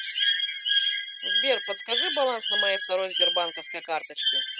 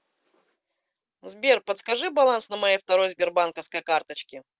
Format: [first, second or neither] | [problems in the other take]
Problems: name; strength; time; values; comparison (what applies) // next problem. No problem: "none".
second | background sound (Bird); 4 dB above the speech